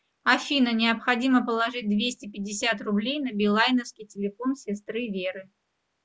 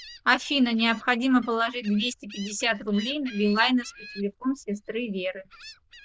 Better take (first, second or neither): first